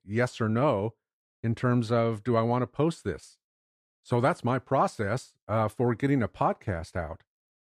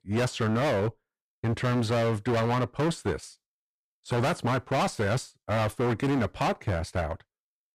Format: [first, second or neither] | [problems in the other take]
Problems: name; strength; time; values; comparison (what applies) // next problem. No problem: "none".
first | distortion; heavy; 23% of the sound clipped